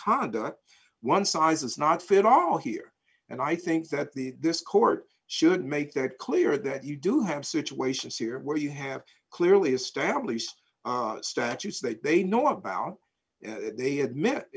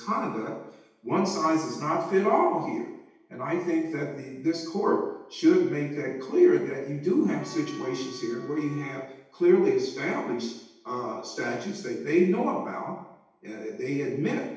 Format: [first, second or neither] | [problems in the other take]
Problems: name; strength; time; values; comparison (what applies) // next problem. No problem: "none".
first | background sound (Wind instrument, woodwind instrument); 19 dB below the speech // room echo; dies away in 0.9 s